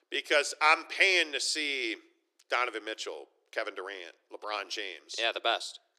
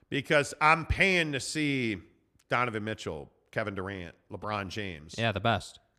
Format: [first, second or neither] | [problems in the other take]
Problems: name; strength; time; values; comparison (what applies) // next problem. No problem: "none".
second | thin; very; fading below 350 Hz